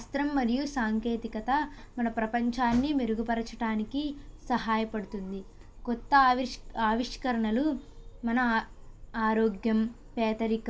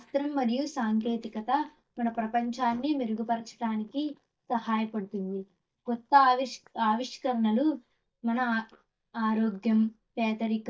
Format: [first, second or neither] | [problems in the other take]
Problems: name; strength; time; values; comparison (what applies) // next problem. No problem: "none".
first | noise reduction (neural mask model DeepFilterNet 3)